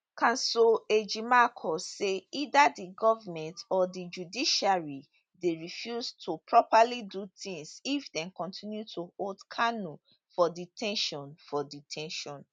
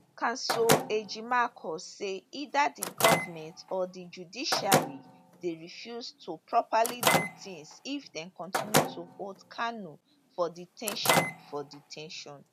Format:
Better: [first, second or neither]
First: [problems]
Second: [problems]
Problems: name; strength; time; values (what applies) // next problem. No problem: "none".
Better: first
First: none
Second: background sound (Microwave oven); 1 dB above the speech